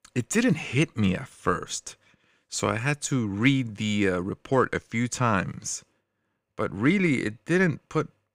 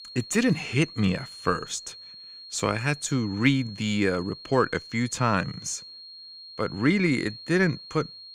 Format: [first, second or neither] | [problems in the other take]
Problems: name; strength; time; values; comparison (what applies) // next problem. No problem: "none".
first | high-pitched whine; noticeable; throughout; 4.5 kHz, 15 dB below the speech